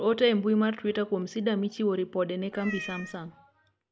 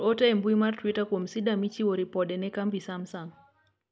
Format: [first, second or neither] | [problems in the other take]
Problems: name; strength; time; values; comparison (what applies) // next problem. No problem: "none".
second | background sound (Meow); 13 dB below the speech